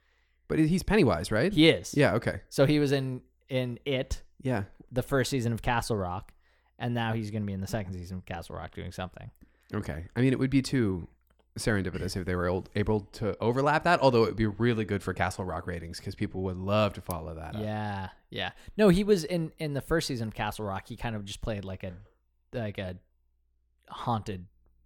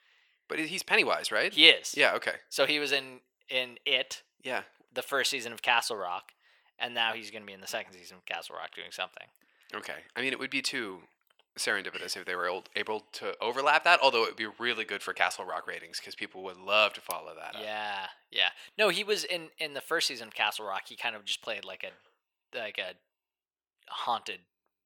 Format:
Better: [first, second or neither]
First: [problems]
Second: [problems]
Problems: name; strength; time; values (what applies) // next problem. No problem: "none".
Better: first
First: none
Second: thin; very; fading below 650 Hz